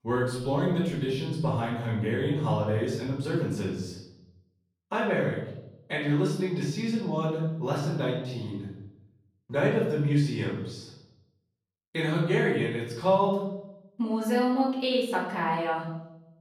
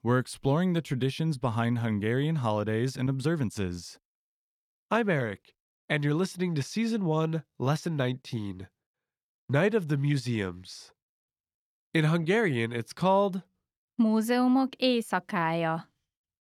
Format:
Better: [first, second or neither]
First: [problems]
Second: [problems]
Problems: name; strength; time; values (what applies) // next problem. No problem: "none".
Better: second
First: room echo; noticeable; dies away in 0.8 s // off-mic speech; far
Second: none